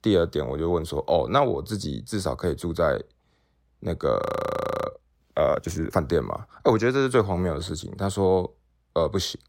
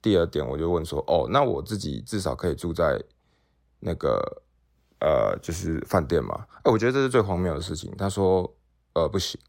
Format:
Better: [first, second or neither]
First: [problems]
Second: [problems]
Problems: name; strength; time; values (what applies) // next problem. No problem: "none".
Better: second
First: audio freezing; at 4 s for 0.5 s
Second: none